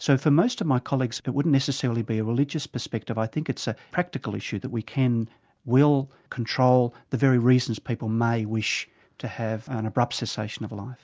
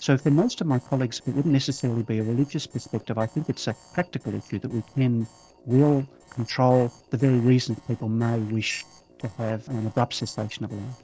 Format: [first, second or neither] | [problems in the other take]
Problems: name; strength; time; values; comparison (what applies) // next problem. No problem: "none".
first | noise reduction (neural separator model SepFormer DNS4)